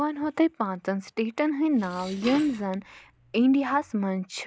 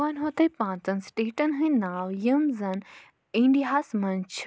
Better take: second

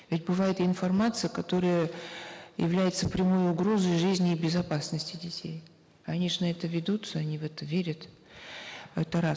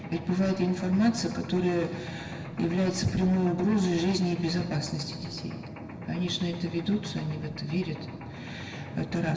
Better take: first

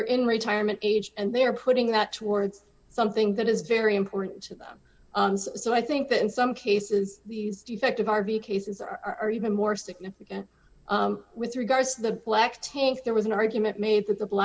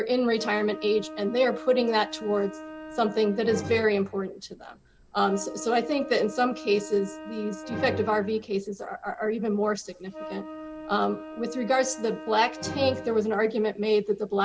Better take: first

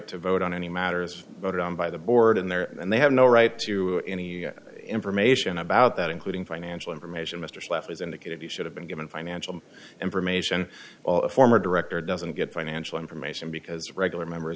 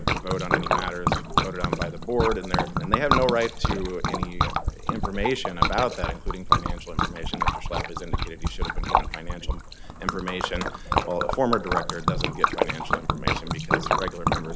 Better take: first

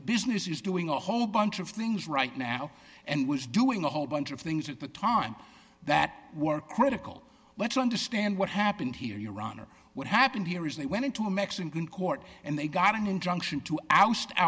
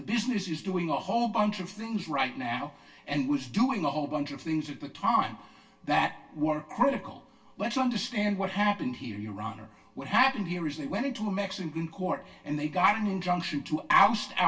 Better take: first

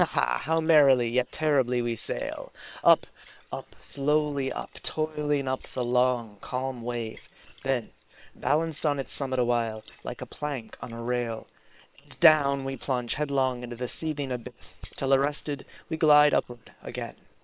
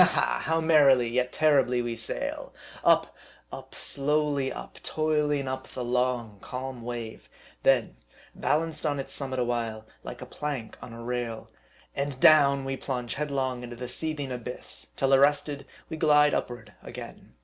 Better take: second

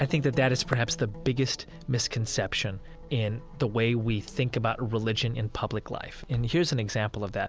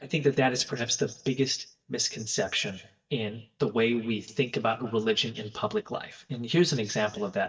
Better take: first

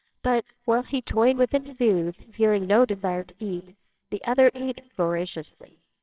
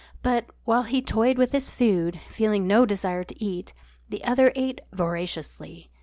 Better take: second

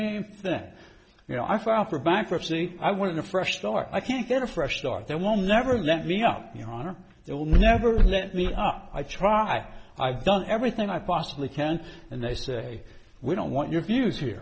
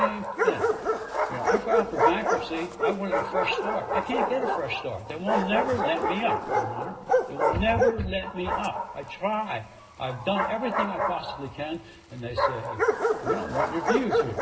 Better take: first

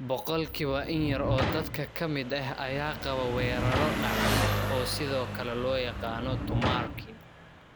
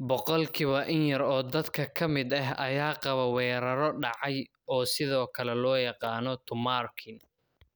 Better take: second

